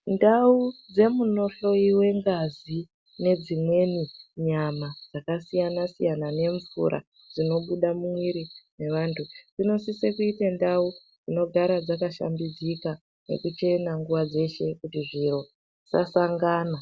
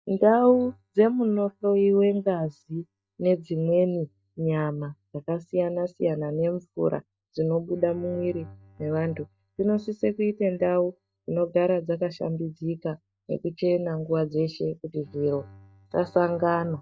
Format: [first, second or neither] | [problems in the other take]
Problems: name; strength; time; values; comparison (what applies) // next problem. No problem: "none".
first | noise reduction (neural mask model DeepFilterNet 3)